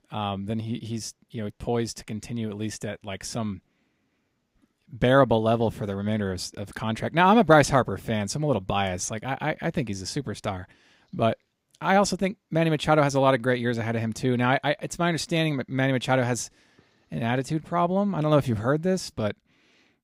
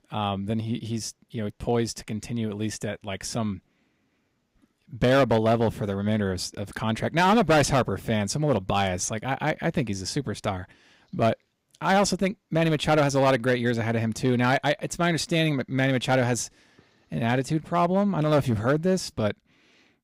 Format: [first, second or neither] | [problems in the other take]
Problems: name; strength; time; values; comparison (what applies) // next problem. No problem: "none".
first | distortion; slight; 3% of the sound clipped